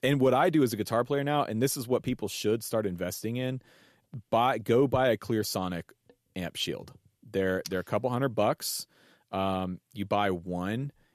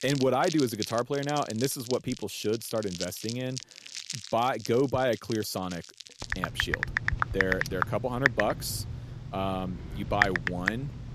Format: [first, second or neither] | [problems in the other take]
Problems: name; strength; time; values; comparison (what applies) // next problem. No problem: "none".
first | household noises; loud; throughout; 3 dB below the speech